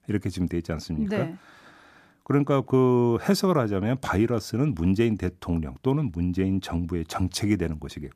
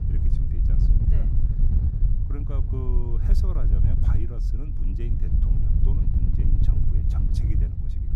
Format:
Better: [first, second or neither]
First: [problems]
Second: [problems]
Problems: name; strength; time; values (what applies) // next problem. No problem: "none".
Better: first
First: none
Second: wind noise on the microphone; heavy; 4 dB above the speech